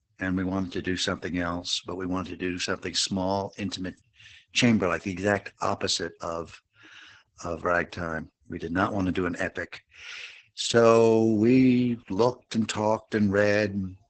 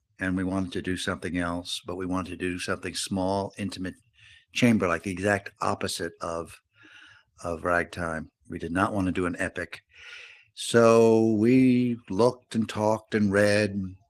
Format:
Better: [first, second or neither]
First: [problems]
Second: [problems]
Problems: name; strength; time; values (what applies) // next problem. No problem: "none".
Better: second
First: garbled, watery; badly; nothing above 8 kHz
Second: garbled, watery; slightly; nothing above 14 kHz